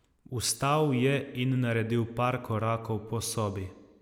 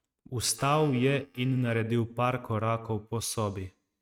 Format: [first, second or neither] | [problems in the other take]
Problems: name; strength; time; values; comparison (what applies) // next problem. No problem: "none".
first | noise reduction (neural mask model RNNoise)